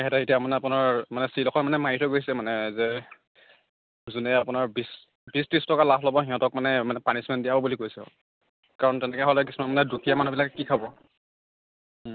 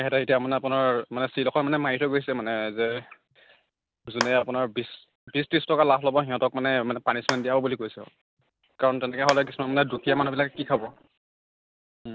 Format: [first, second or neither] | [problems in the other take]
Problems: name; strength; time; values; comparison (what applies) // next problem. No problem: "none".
first | background sound (Clapping); 10 dB below the speech